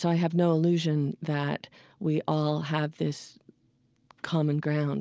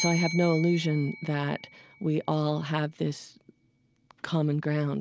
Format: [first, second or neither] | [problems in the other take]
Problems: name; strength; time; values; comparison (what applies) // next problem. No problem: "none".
first | background sound (Bell); 13 dB below the speech